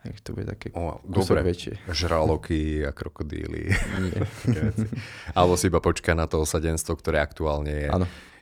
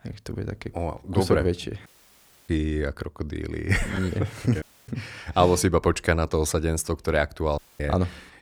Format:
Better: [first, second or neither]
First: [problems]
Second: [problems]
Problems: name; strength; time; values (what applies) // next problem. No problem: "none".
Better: first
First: none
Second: audio cutting out; at 2 s for 0.5 s, at 4.5 s and at 7.5 s